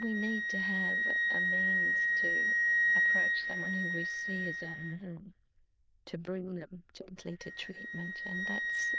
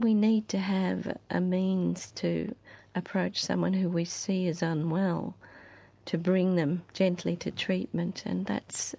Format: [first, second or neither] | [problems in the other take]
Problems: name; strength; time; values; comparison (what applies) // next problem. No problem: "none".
second | noise reduction (neural diffusion model UNIVERSE++)